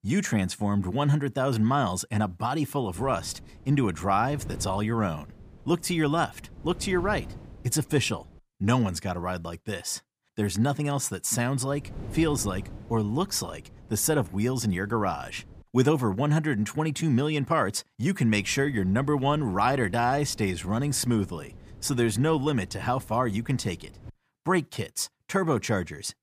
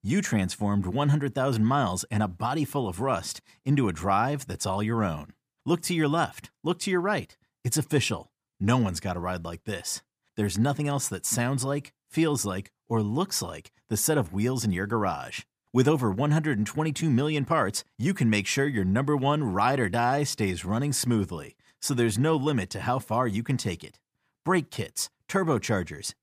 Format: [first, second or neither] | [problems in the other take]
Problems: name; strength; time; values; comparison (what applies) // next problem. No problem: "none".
second | wind noise on the microphone; occasional gusts; from 3 to 8.5 s, from 12 to 16 s and from 18 to 24 s; 25 dB below the speech